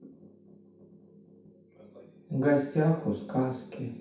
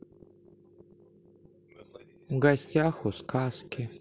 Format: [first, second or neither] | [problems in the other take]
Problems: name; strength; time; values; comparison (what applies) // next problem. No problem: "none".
second | room echo; dies away in 0.6 s